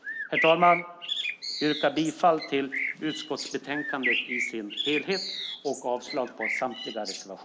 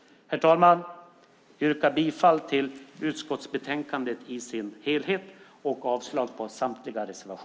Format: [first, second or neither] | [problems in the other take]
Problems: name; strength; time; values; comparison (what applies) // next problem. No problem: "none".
second | background sound (Bird); 5 dB below the speech